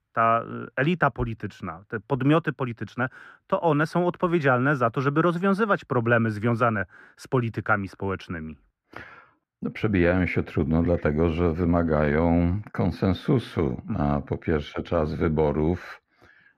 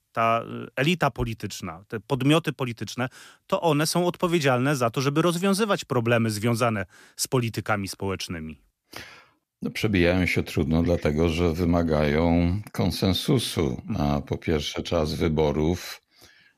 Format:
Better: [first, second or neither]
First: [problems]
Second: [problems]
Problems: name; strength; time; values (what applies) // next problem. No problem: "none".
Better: second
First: muffled; very; fading above 3.5 kHz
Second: none